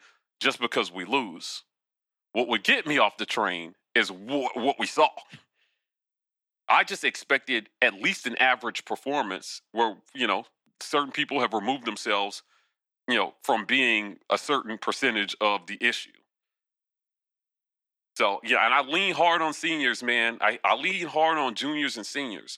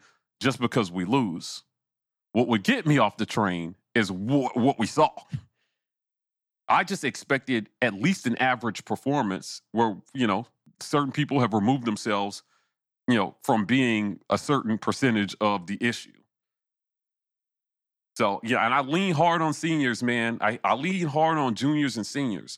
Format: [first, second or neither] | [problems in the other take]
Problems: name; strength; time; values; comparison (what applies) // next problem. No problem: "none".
second | thin; somewhat; fading below 450 Hz